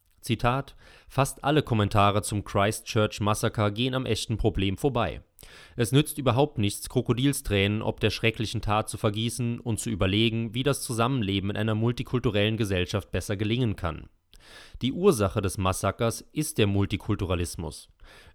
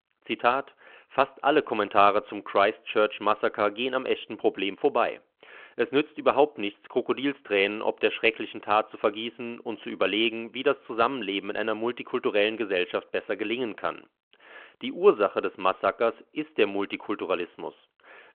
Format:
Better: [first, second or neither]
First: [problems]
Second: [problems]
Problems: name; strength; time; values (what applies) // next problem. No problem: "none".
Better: first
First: none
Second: phone-call audio